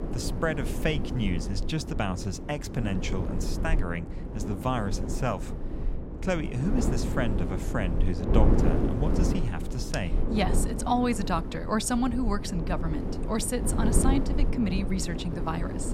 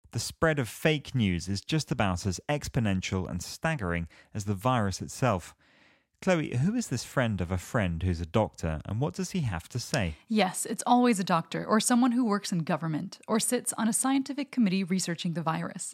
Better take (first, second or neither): second